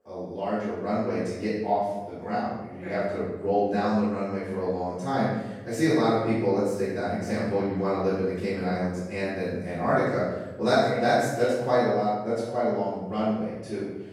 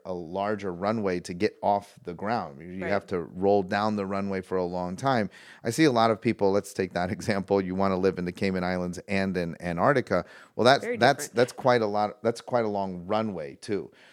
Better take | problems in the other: second | off-mic speech; far // room echo; strong; dies away in 1 s

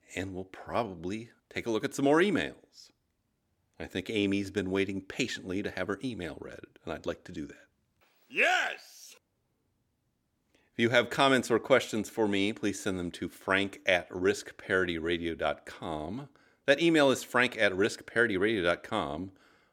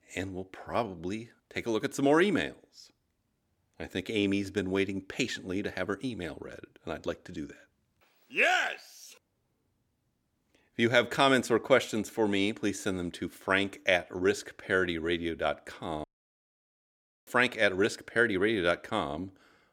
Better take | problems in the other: first | audio cutting out; at 16 s for 1 s

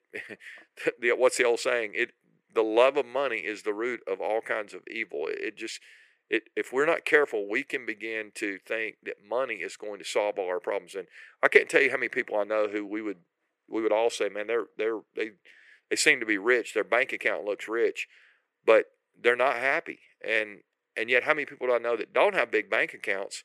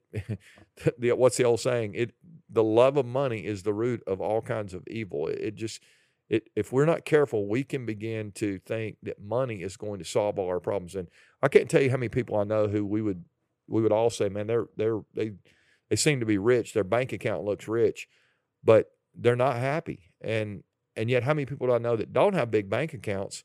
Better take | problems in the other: second | thin; somewhat; fading below 350 Hz

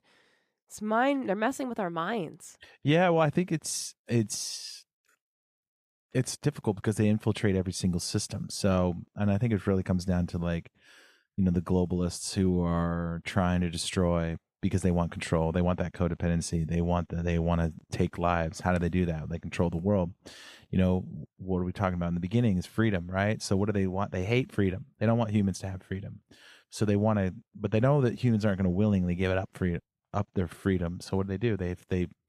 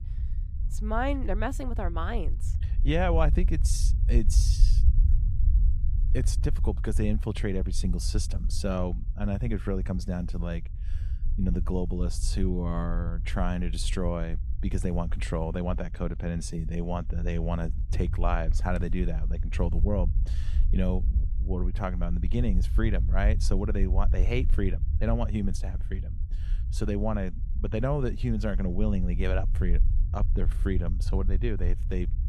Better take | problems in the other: first | low rumble; noticeable; throughout; 15 dB below the speech

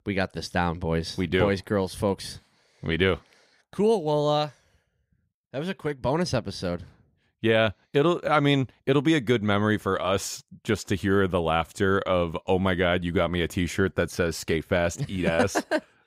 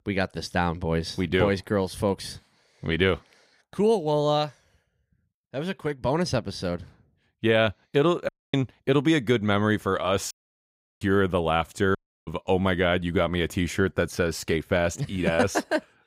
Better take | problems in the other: first | audio cutting out; at 8.5 s, at 10 s for 0.5 s and at 12 s

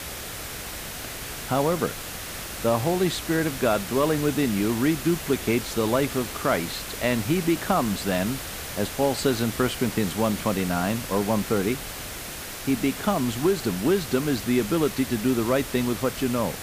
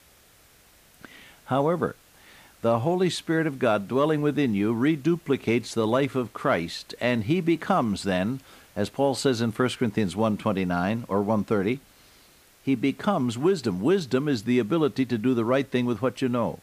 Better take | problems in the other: second | hiss; loud; throughout; 8 dB below the speech; faint in the second

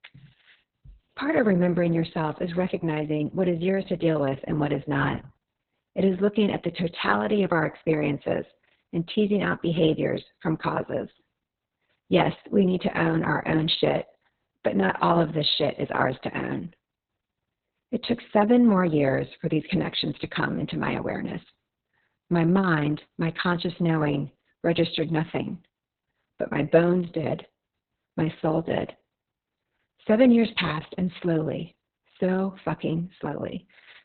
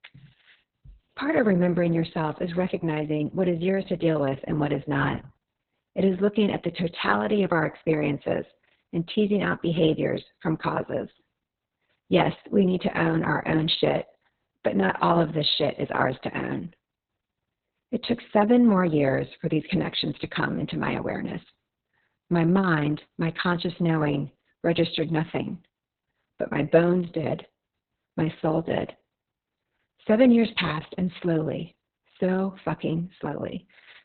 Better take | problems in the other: neither | garbled, watery; badly; nothing above 4 kHz; the same in both

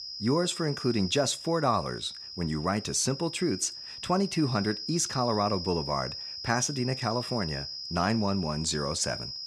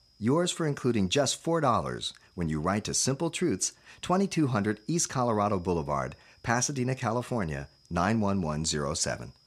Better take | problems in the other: second | high-pitched whine; loud; throughout; 5 kHz, 8 dB below the speech; faint in the second

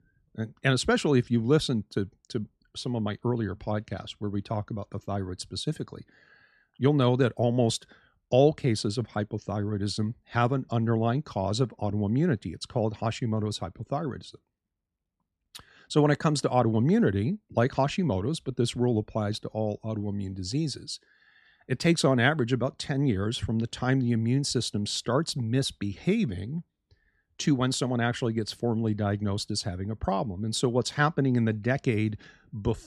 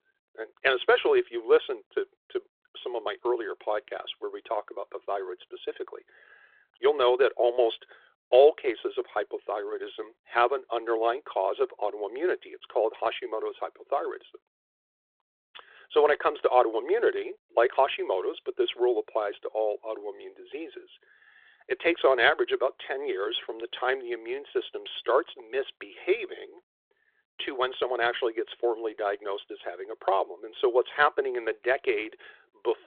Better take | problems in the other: first | phone-call audio; nothing above 3.5 kHz

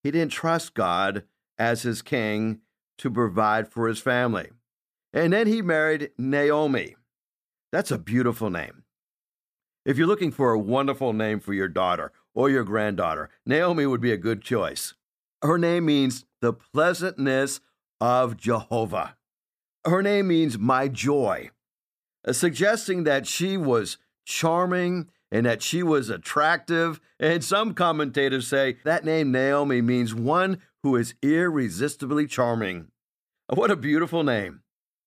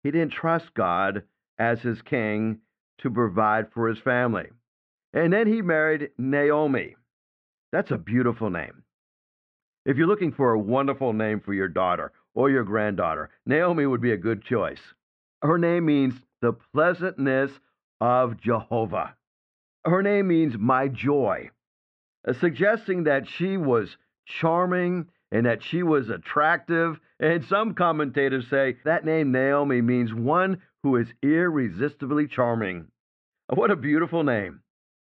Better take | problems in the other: first | muffled; very; fading above 2.5 kHz

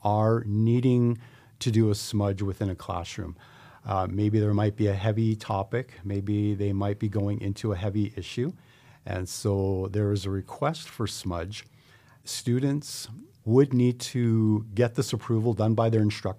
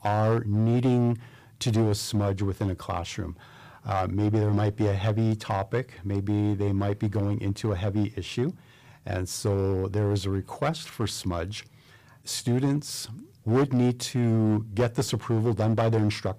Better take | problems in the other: first | distortion; slight; 6% of the sound clipped

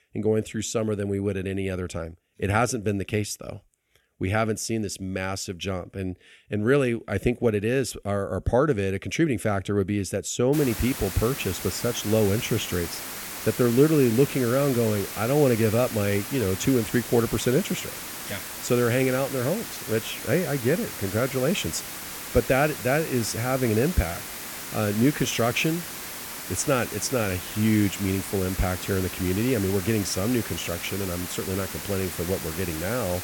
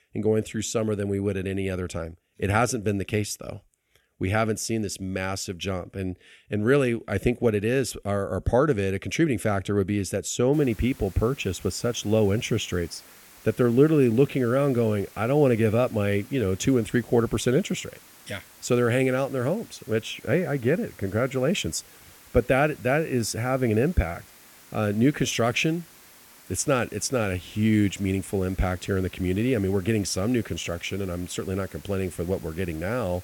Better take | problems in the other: second | hiss; loud; from 11 s on; 8 dB below the speech; faint in the second

